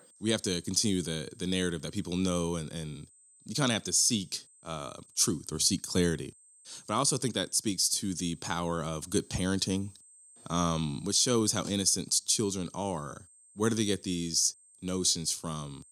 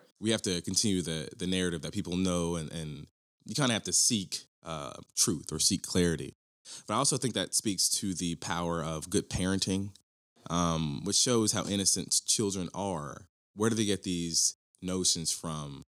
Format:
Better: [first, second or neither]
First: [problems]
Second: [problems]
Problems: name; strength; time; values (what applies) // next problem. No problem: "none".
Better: second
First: high-pitched whine; faint; throughout; 8.5 kHz, 25 dB below the speech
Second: none